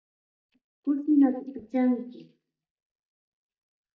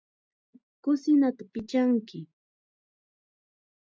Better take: second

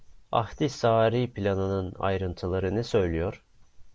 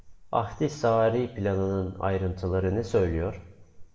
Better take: first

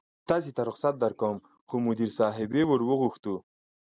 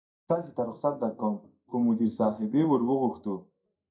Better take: first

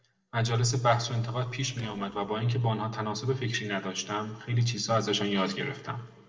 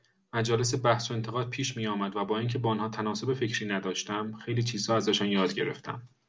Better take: second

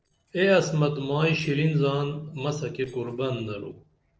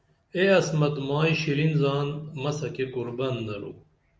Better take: second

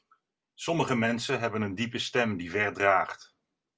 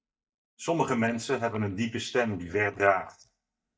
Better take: first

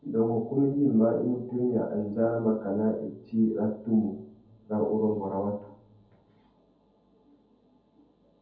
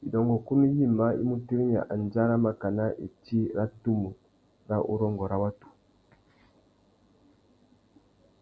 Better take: second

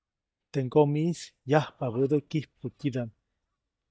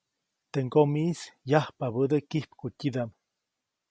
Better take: second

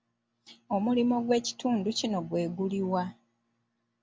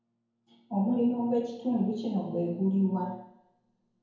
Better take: first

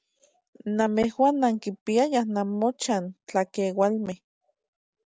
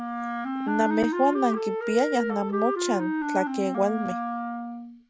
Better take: first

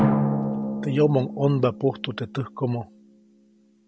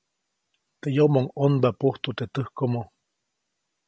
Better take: second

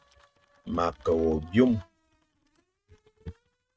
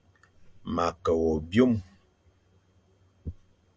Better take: second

